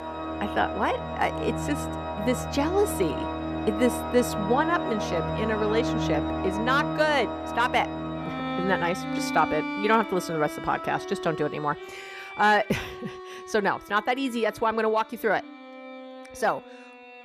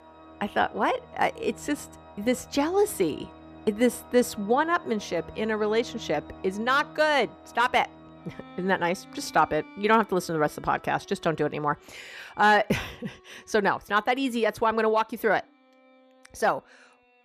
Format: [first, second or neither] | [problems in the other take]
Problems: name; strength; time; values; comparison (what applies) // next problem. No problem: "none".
second | background music; loud; throughout; 5 dB below the speech; faint in the second